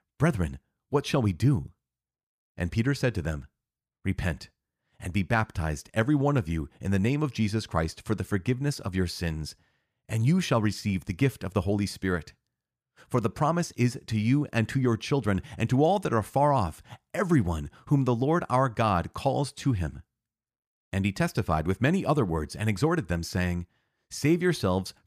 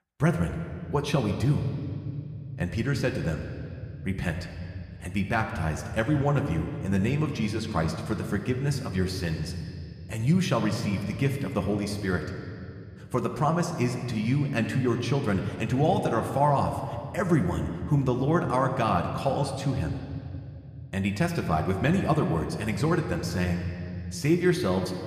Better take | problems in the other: first | room echo; slight; dies away in 2.2 s

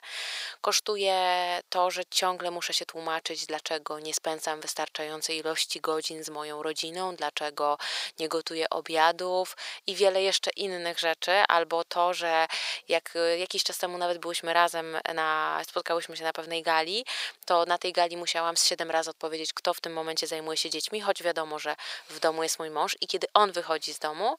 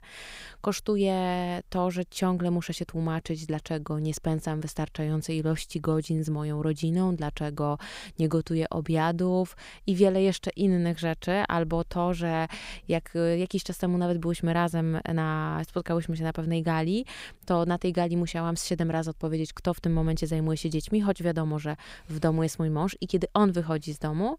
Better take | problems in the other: second | thin; very; fading below 550 Hz

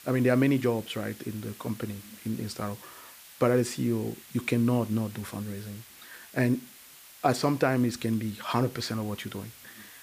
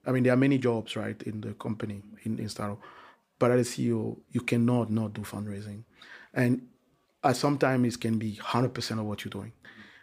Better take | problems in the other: second | hiss; noticeable; throughout; 20 dB below the speech

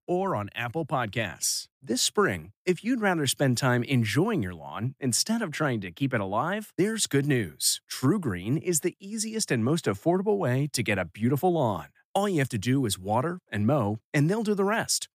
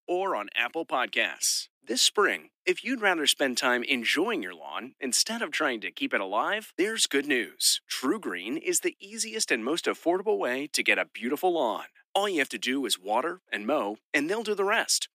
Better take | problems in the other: first | thin; somewhat; fading below 250 Hz

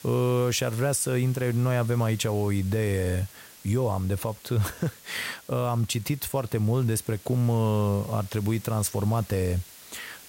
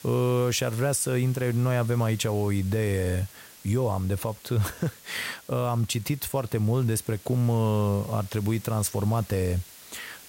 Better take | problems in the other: neither | hiss; noticeable; throughout; 20 dB below the speech; the same in both

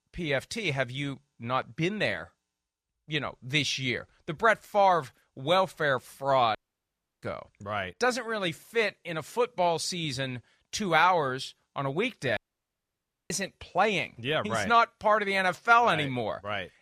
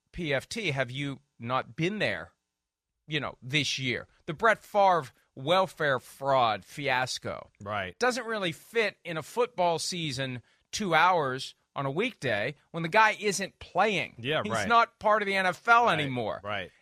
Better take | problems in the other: second | audio cutting out; at 6.5 s for 0.5 s and at 12 s for 1 s

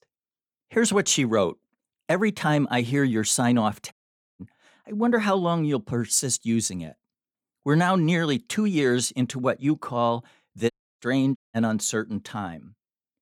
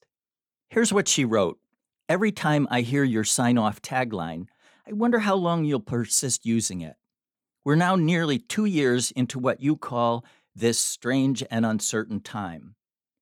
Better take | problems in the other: second | audio cutting out; at 4 s and at 11 s

